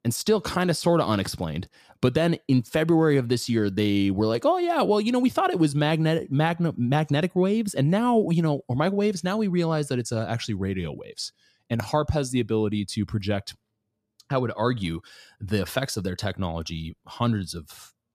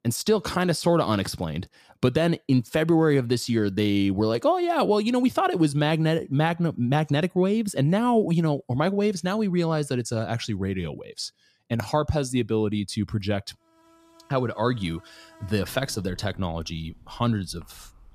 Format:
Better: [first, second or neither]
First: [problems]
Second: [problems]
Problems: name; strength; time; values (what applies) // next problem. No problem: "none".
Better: first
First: none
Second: animal sounds; faint; from 14 s on; 30 dB below the speech